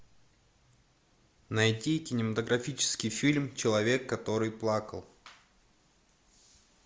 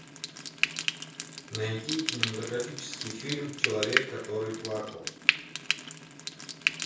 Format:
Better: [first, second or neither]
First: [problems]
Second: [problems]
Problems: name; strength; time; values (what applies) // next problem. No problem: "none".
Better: first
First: none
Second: background sound (Frying (food)); 3 dB above the speech // room echo; dies away in 0.6 s